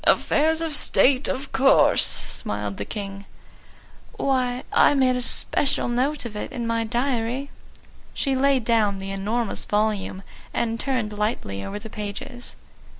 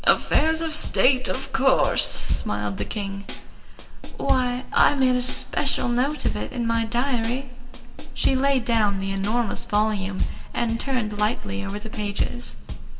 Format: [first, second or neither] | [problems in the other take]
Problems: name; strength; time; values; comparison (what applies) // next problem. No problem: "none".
first | background sound (Drum kit); 9 dB below the speech // room echo; dies away in 2.9 s